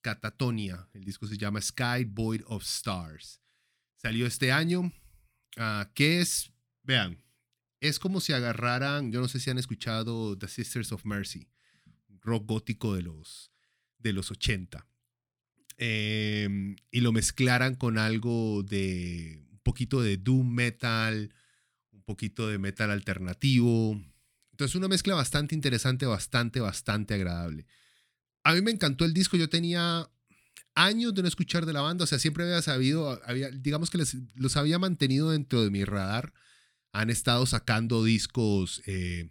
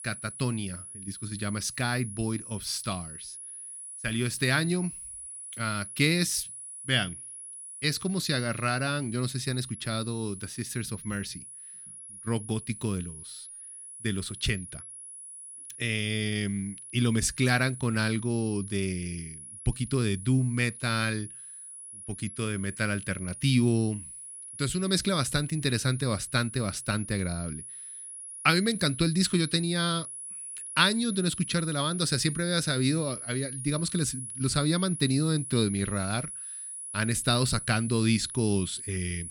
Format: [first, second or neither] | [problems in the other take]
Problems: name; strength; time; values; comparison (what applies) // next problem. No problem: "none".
first | high-pitched whine; noticeable; throughout; 10.5 kHz, 10 dB below the speech